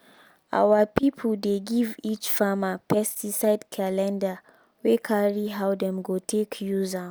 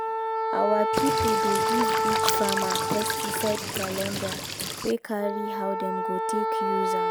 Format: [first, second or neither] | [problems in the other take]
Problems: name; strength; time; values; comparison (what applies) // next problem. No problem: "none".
first | background sound (Wind instrument, woodwind instrument + Cricket / Water); 4 dB above the speech